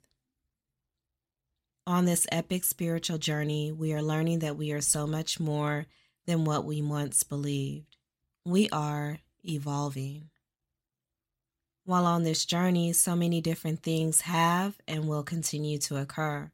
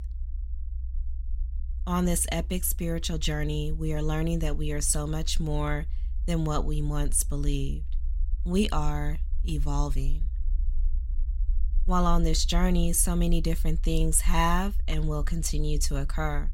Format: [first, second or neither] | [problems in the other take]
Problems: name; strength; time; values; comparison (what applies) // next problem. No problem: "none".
first | low rumble; faint; throughout; 25 dB below the speech